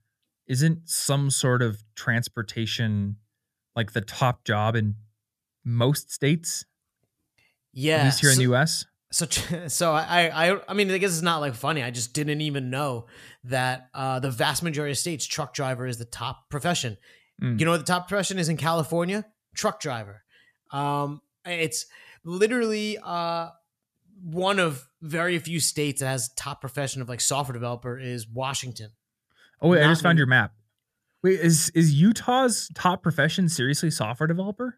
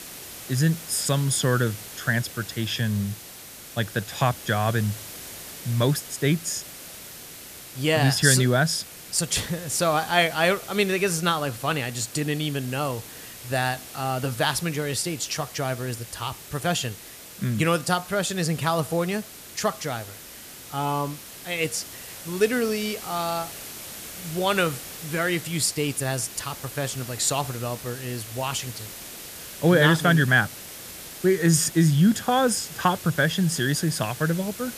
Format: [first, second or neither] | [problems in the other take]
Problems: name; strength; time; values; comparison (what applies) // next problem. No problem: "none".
first | hiss; noticeable; throughout; 15 dB below the speech